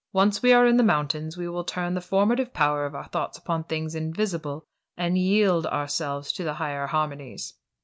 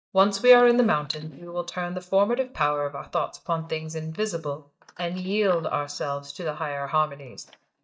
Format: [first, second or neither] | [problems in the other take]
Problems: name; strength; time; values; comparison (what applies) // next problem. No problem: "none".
first | noise reduction (neural mask model DeepFilterNet 3)